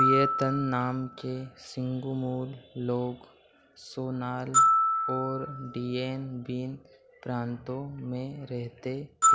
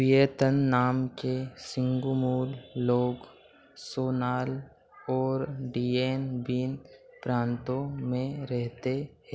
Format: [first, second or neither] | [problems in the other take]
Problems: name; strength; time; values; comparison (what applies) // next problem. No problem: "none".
second | background sound (Glockenspiel); 2 dB above the speech